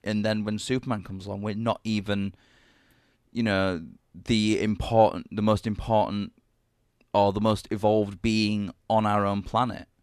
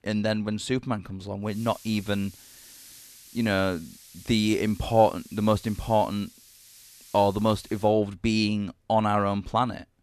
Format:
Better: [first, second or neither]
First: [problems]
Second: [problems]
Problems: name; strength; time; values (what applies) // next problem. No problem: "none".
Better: first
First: none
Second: hiss; faint; from 1.5 to 8 s; 20 dB below the speech